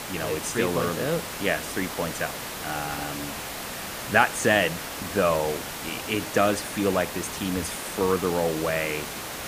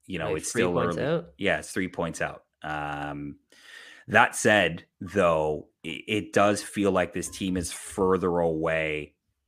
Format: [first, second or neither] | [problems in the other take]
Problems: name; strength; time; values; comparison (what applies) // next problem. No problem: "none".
second | hiss; loud; throughout; 6 dB below the speech